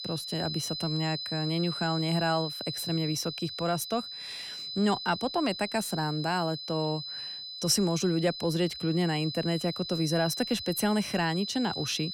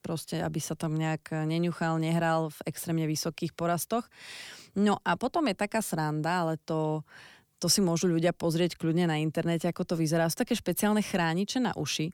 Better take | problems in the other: second | high-pitched whine; loud; throughout; 4 kHz, 6 dB below the speech

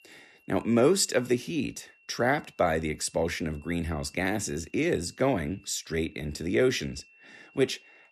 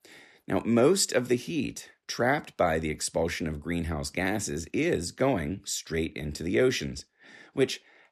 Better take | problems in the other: second | high-pitched whine; faint; throughout; 2.5 kHz, 30 dB below the speech

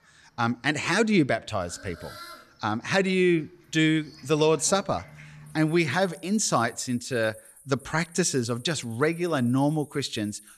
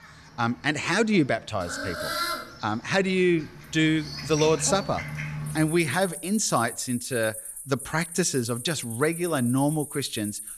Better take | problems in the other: first | animal sounds; loud; throughout; 8 dB below the speech; faint in the first

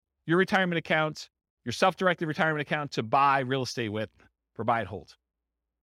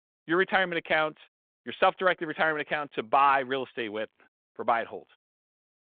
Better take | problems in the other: first | phone-call audio

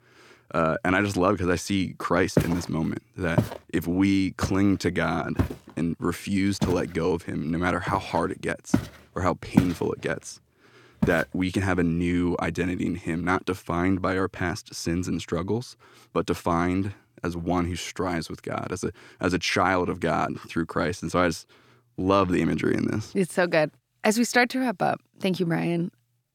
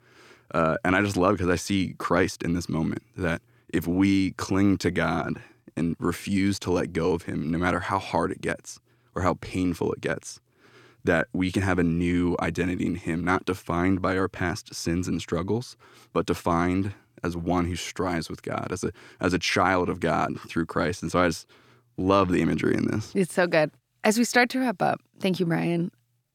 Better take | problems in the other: second | footsteps; loud; from 2.5 to 11 s; peak 2 dB above the speech

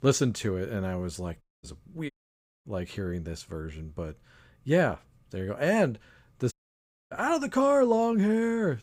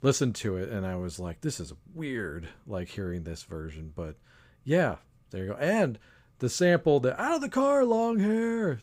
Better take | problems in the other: second | audio cutting out; at 1.5 s, at 2 s for 0.5 s and at 6.5 s for 0.5 s

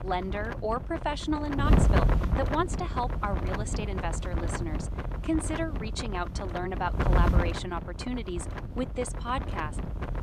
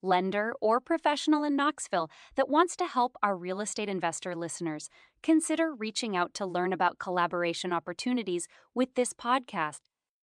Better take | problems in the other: second | wind noise on the microphone; heavy; 4 dB below the speech

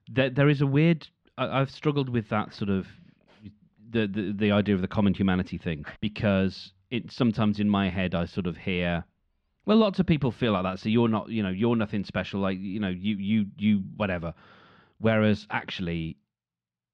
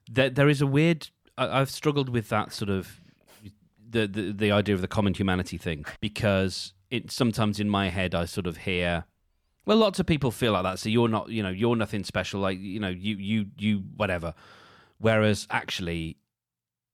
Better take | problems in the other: second | muffled; very slightly; fading above 4 kHz

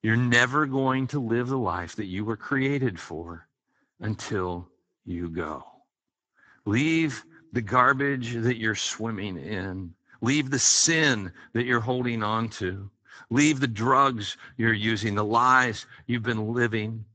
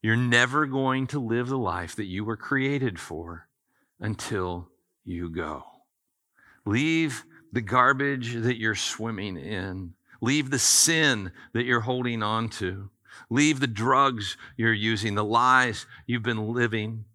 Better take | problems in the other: second | garbled, watery; badly; nothing above 7.5 kHz

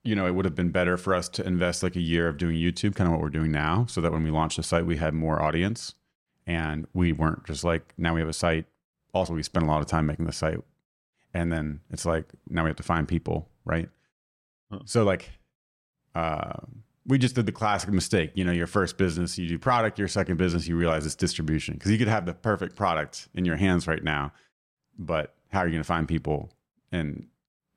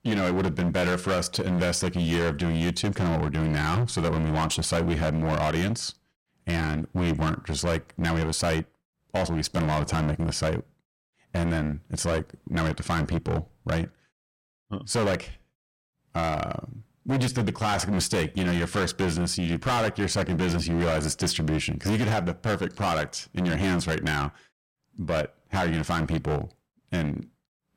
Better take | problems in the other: first | distortion; heavy; 18% of the sound clipped

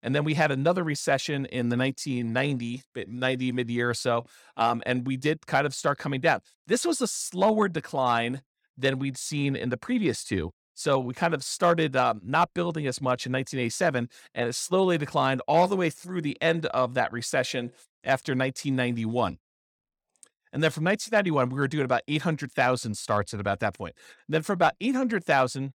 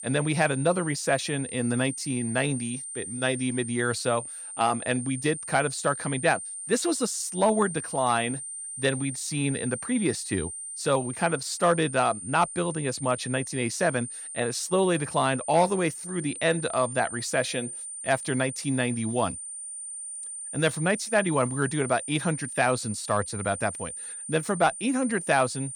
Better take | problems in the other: first | high-pitched whine; loud; throughout; 9 kHz, 8 dB below the speech

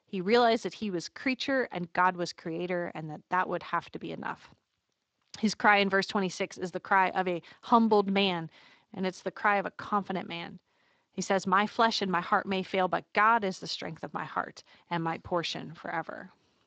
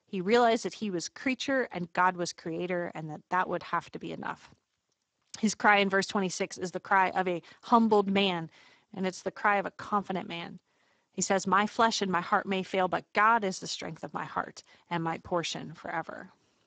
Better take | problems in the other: first | garbled, watery; badly; nothing above 7.5 kHz; slightly in the first

